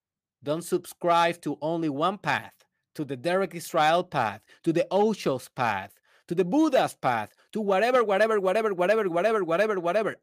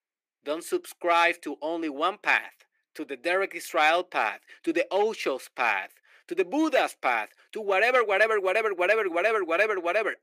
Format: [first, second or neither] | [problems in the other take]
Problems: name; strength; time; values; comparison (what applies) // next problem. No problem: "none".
first | thin; somewhat; fading below 350 Hz